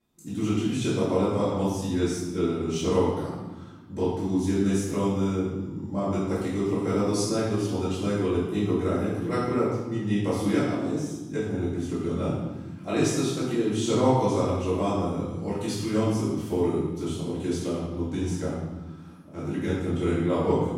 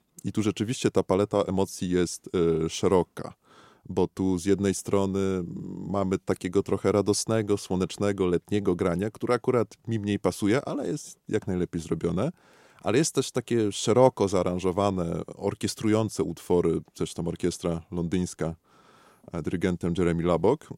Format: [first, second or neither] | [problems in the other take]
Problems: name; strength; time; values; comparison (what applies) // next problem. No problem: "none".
second | off-mic speech; far // room echo; strong; dies away in 1.2 s